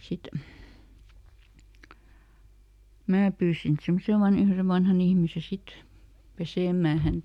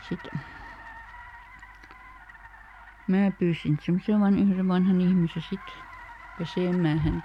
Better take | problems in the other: first | background sound (Car); 19 dB below the speech

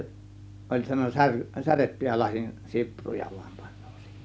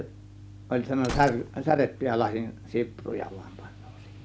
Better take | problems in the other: first | background sound (Gunshot, gunfire); 14 dB below the speech

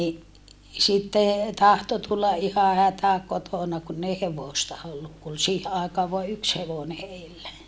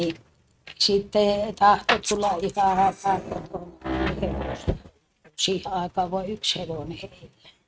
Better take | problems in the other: first | noise reduction (neural mask model RNNoise)

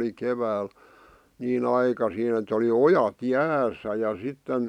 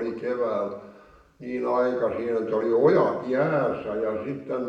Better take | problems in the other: first | room echo; dies away in 0.7 s

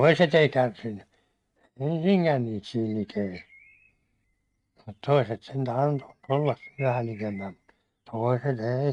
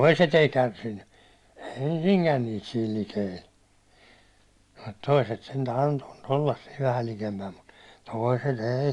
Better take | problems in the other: second | noise reduction (neural mask model RNNoise)

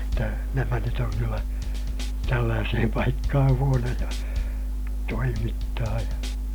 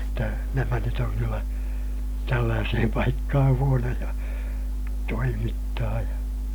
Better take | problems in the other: second | background sound (Bass drum / Snare drum / Drum kit); 11 dB below the speech

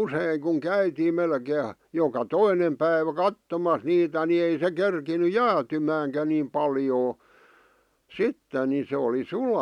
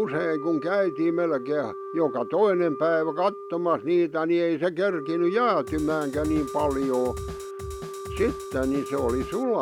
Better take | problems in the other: first | background sound (Drum kit + Wind instrument, woodwind instrument); 10 dB below the speech

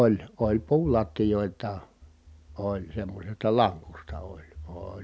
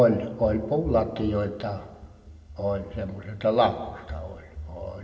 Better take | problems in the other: first | room echo; dies away in 0.9 s

